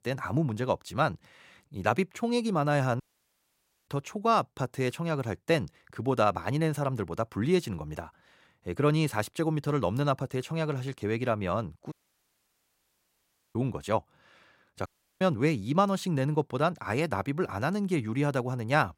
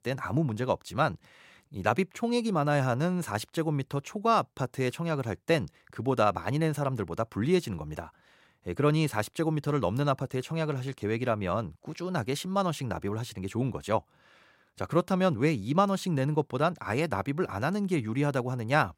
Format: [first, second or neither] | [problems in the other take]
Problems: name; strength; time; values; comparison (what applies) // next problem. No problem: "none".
second | audio cutting out; at 3 s for 1 s, at 12 s for 1.5 s and at 15 s